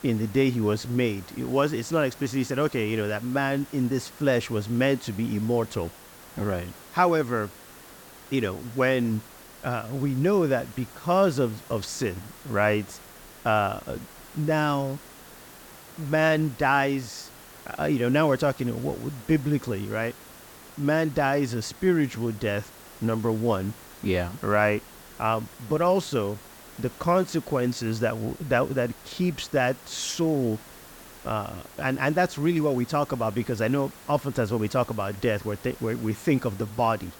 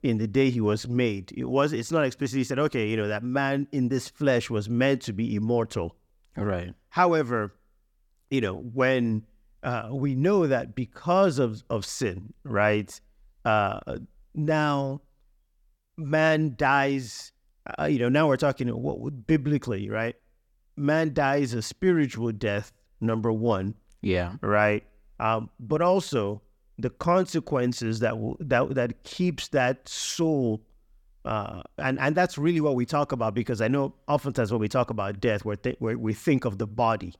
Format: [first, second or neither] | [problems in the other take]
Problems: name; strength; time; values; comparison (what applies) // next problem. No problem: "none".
second | hiss; noticeable; throughout; 20 dB below the speech